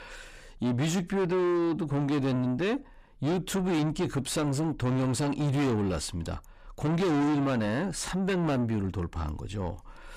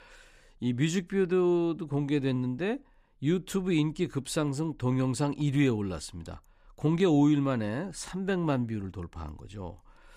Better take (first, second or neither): second